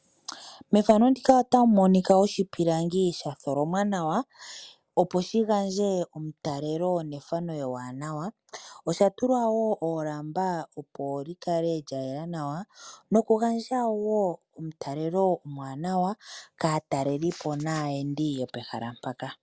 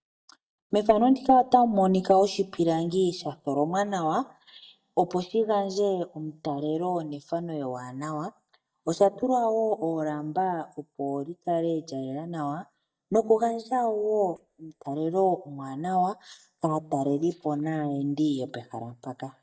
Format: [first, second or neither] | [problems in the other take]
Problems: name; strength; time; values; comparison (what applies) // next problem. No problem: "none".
first | noise reduction (neural mask model DeepFilterNet 3)